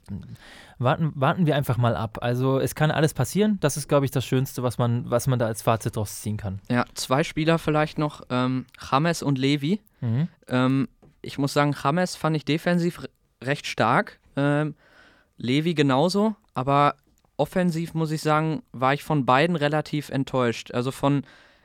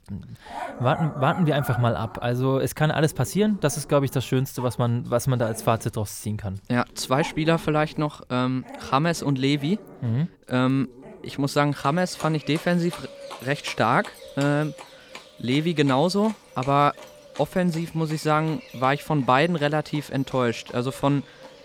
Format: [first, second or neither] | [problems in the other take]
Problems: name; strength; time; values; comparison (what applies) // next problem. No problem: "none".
first | animal sounds; noticeable; throughout; 15 dB below the speech